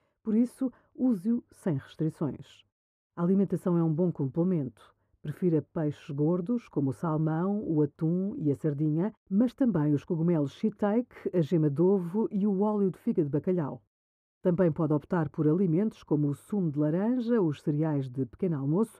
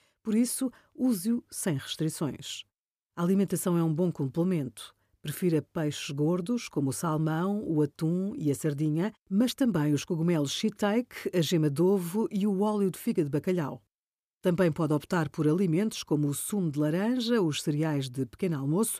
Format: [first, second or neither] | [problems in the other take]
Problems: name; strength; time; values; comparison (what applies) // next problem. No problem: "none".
second | muffled; very; fading above 2 kHz